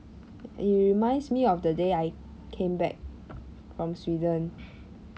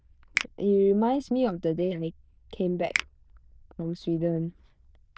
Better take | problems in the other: first | noise reduction (neural diffusion model UNIVERSE++)

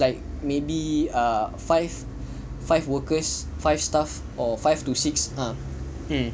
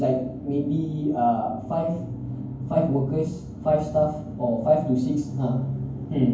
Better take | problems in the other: first | room echo; dies away in 0.9 s

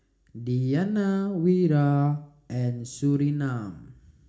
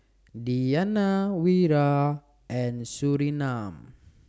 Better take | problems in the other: second | room echo; dies away in 0.4 s

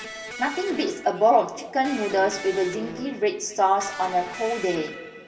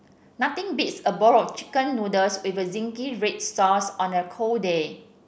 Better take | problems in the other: second | background sound (Electric guitar); 13 dB below the speech // room echo; dies away in 2.5 s

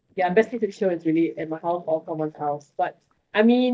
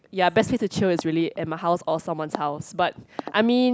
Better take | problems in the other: second | noise reduction (neural mask model DeepFilterNet 3)

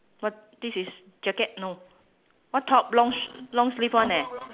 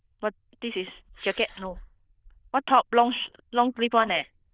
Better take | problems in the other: first | noise reduction (neural diffusion model UNIVERSE++)

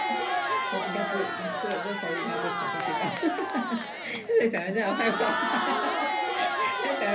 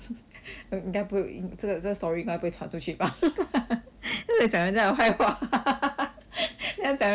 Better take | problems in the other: second | background sound (Crowd); 1 dB above the speech // room echo; dies away in 0.3 s

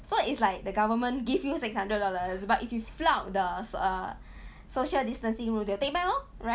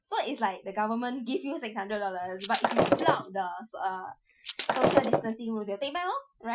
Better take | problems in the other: first | noise reduction (classical method Wiener filter)

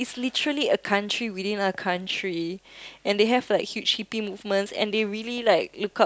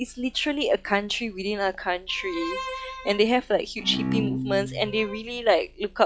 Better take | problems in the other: first | noise reduction (classical method log-MMSE)

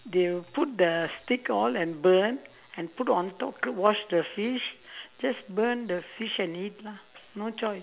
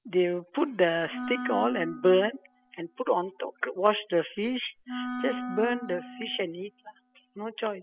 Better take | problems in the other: first | noise reduction (classical method spectral subtraction)

